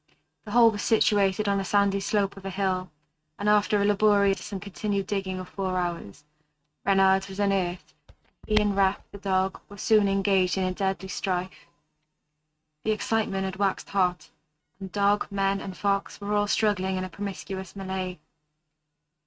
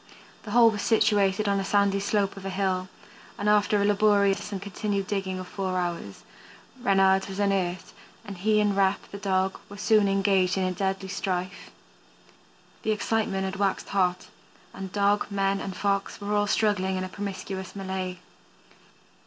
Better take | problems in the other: second | noise reduction (neural mask model RNNoise)

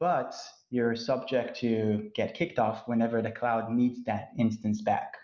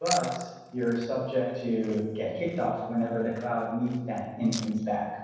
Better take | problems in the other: first | background sound (Chewing, mastication); 15 dB below the speech // room echo; dies away in 1.1 s

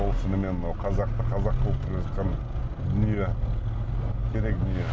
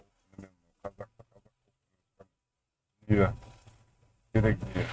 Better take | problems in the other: first | noise reduction (neural mask model RNNoise)

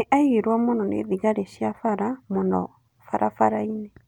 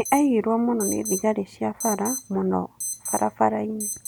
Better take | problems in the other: first | background sound (Alarm); 10 dB below the speech

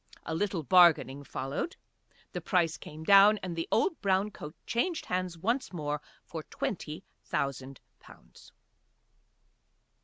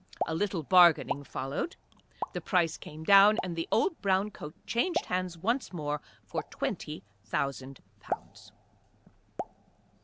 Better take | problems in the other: first | background sound (Explosion); 11 dB below the speech

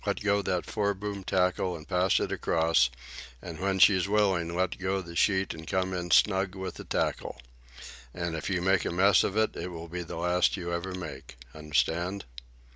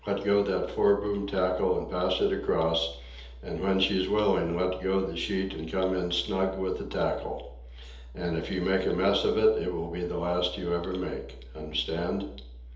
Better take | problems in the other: first | room echo; dies away in 0.8 s

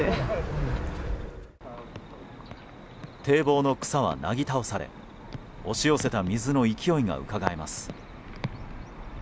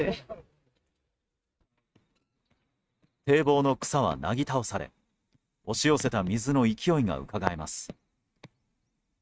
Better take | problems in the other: first | noise reduction (neural mask model RNNoise)

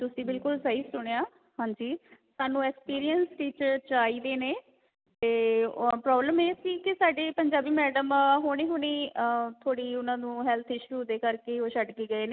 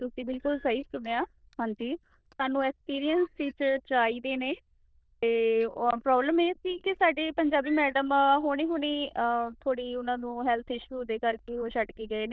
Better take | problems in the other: first | noise reduction (neural diffusion model UNIVERSE++)

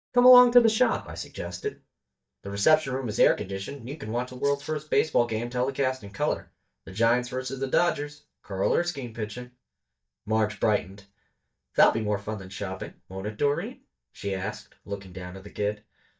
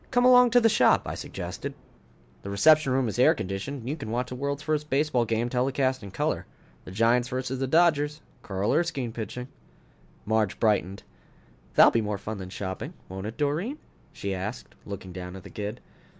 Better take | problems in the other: second | noise reduction (neural mask model DeepFilterNet 3)

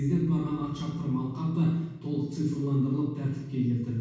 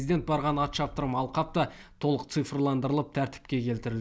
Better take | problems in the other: second | room echo; dies away in 1.2 s

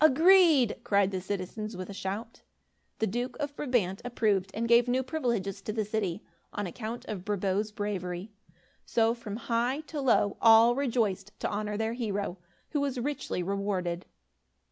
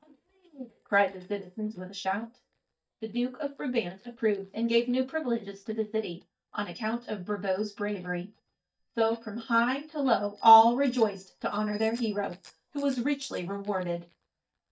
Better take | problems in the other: first | noise reduction (neural mask model DeepFilterNet 3)

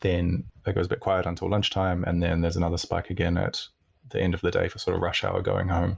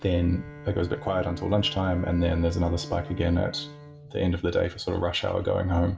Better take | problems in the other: first | background sound (Bowed string instrument); 16 dB below the speech // room echo; dies away in 0.6 s

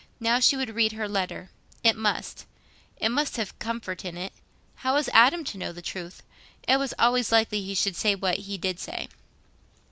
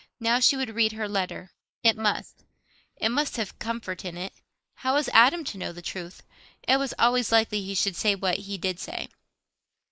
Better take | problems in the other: first | noise reduction (neural mask model Resemble Enhance denoiser)

